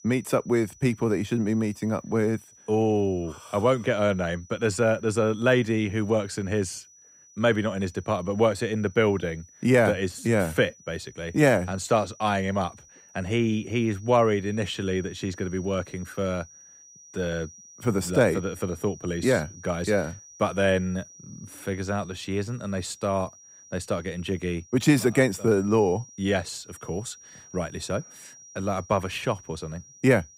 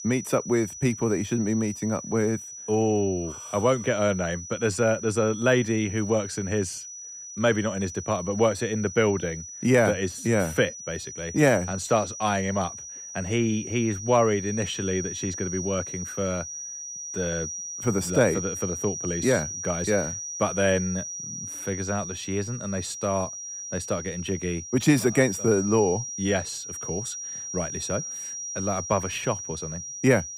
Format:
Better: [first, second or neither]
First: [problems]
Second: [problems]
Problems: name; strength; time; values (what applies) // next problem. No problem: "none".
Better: first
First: high-pitched whine; faint; throughout; 6 kHz, 25 dB below the speech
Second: high-pitched whine; loud; throughout; 6 kHz, 8 dB below the speech